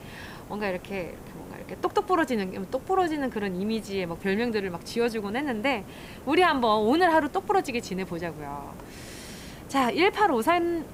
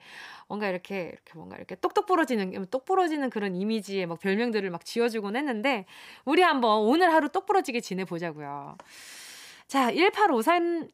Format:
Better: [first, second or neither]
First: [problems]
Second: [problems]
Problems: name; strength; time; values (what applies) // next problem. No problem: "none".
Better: second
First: hiss; noticeable; throughout; 20 dB below the speech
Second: none